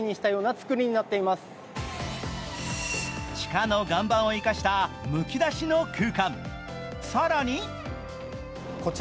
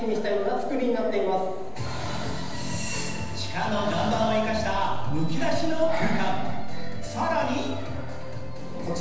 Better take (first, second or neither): first